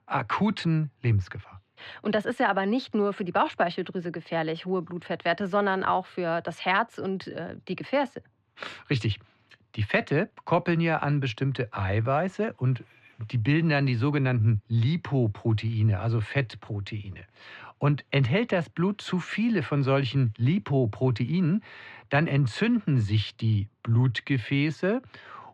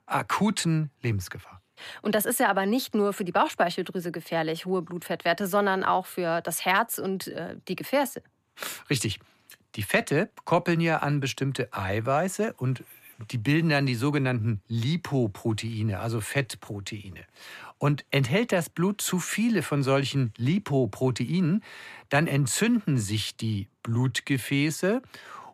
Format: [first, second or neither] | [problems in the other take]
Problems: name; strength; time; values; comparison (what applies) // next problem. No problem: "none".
second | muffled; slightly; fading above 4 kHz